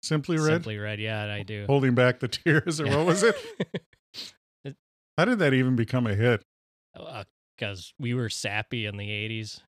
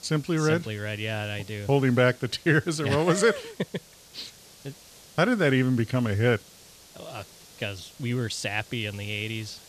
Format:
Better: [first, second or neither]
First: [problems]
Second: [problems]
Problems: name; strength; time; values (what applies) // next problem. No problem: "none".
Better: first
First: none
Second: hiss; faint; throughout; 25 dB below the speech